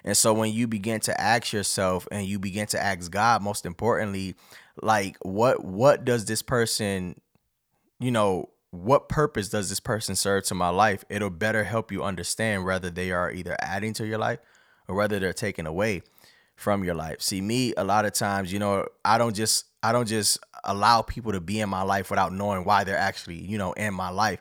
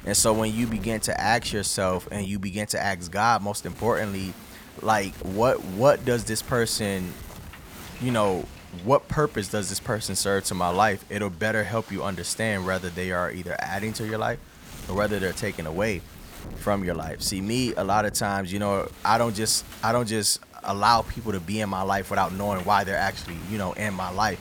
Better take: first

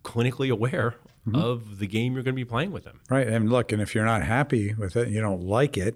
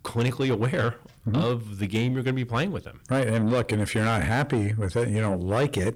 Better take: first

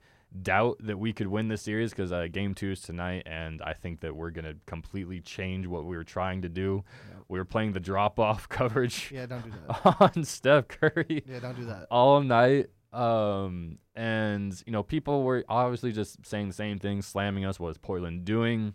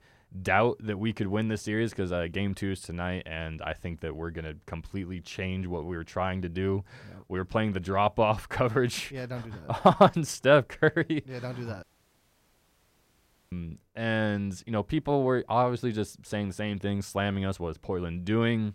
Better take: first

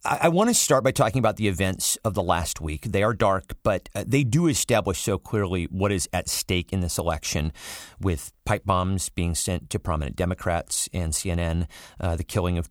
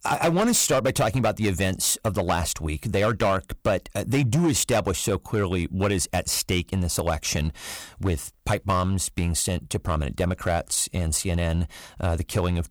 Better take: first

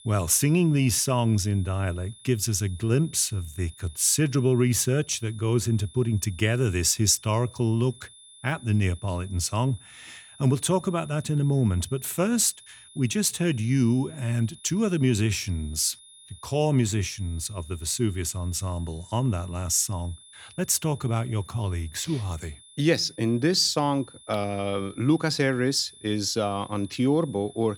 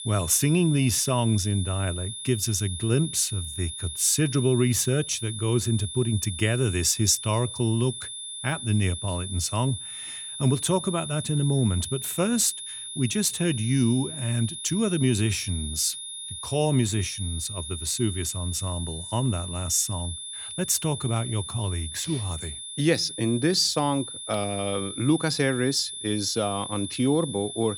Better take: first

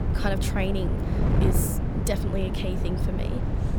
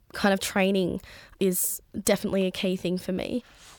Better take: second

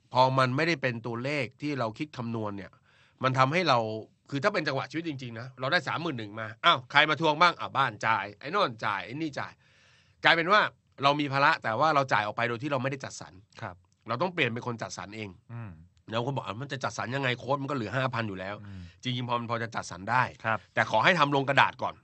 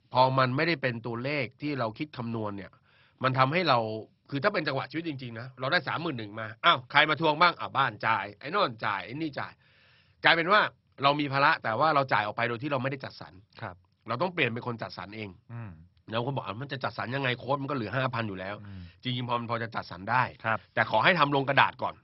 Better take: first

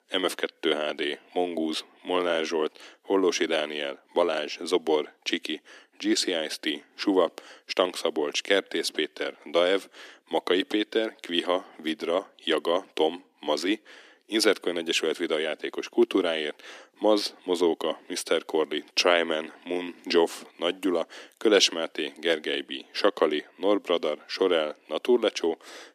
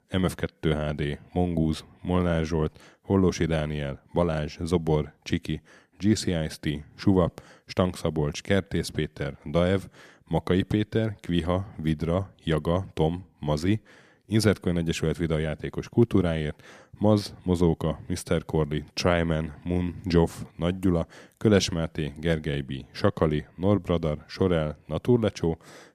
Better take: second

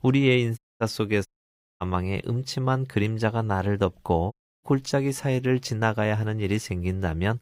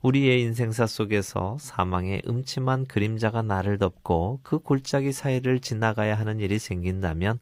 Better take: second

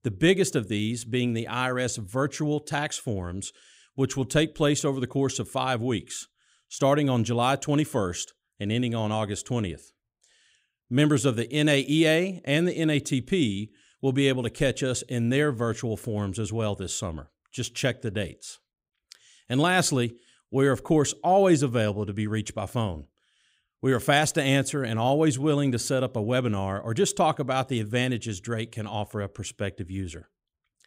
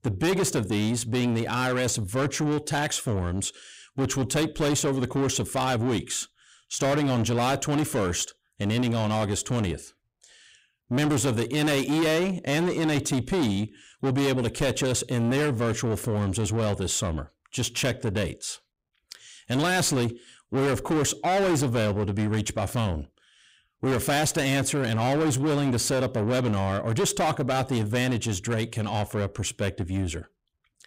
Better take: first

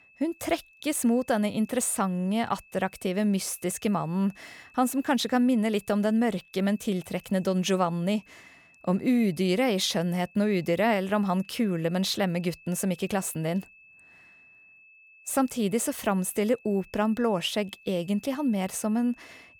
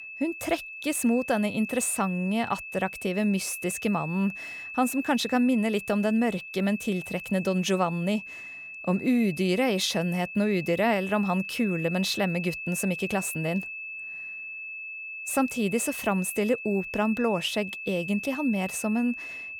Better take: first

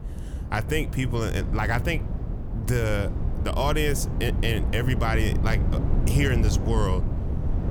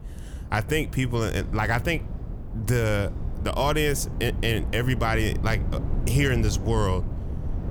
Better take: second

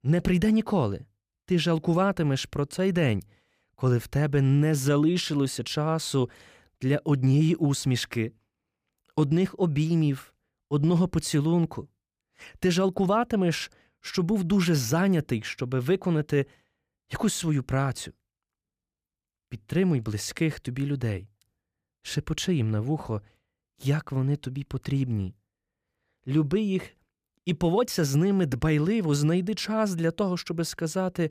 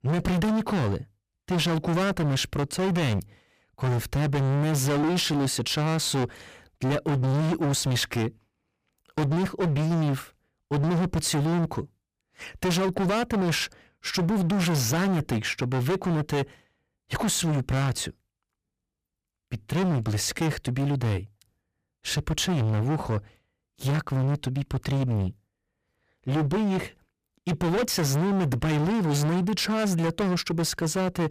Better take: first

